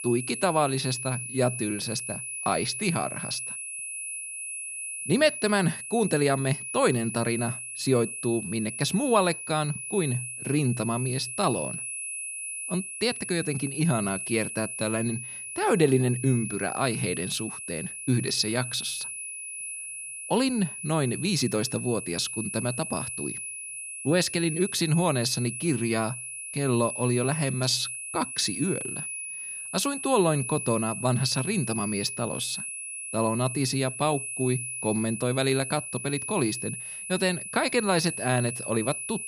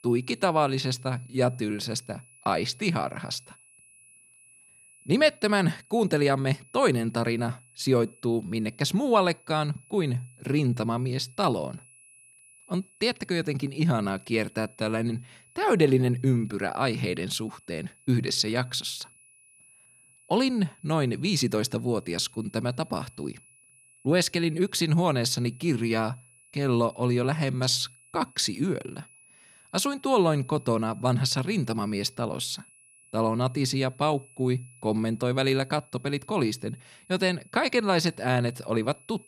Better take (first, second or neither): second